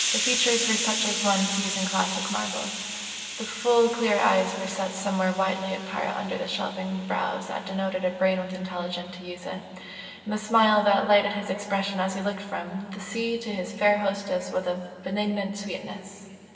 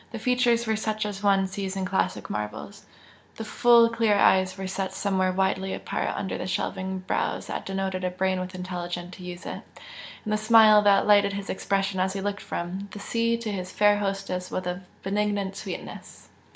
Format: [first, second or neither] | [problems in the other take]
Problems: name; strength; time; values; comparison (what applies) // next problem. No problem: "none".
second | background sound (Hiss); 8 dB below the speech // room echo; dies away in 2.7 s